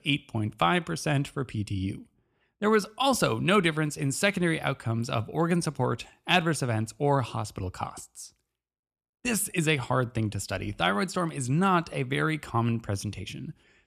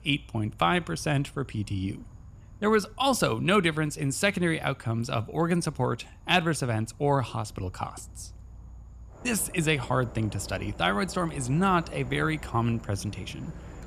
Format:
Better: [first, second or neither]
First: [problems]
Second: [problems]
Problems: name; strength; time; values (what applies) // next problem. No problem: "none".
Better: first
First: none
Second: animal sounds; noticeable; throughout; 20 dB below the speech